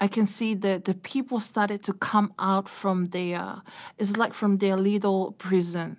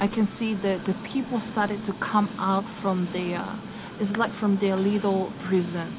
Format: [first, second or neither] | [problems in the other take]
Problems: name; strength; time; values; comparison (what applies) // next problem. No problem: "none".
first | background sound (Train); 11 dB below the speech